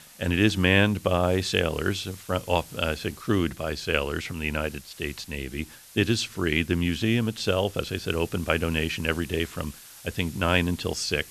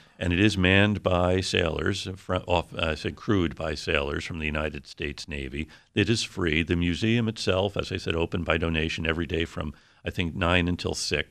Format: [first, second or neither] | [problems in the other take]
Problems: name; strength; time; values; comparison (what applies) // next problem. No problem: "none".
second | hiss; noticeable; throughout; 20 dB below the speech